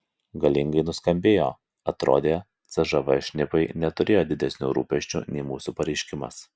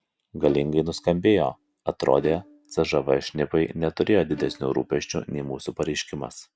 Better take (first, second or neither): first